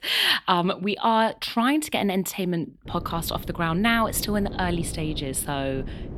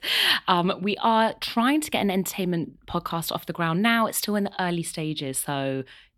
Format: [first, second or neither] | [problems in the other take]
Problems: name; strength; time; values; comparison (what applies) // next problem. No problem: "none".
second | wind noise on the microphone; occasional gusts; from 3 s on; 20 dB below the speech